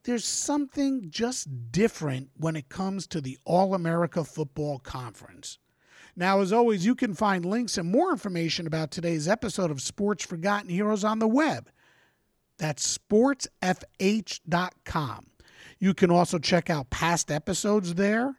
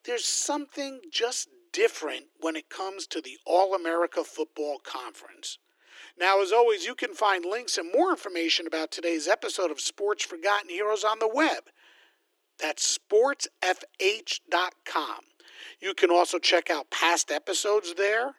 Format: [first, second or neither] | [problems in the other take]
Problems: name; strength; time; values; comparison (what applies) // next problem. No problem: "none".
first | thin; very; fading below 300 Hz